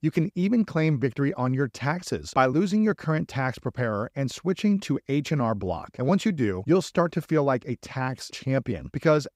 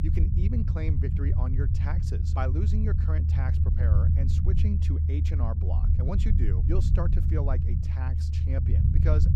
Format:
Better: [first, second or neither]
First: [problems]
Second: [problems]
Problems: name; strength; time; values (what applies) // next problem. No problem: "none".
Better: first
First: none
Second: low rumble; loud; throughout; 1 dB below the speech